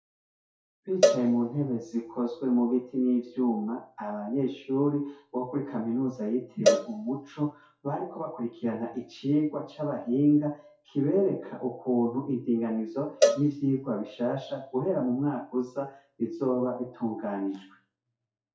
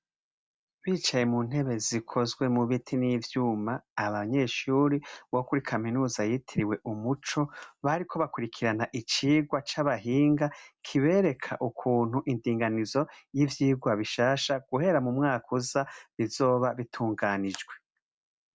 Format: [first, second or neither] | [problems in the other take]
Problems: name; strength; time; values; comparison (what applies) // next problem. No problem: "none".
second | noise reduction (classical method WPE with log-MMSE)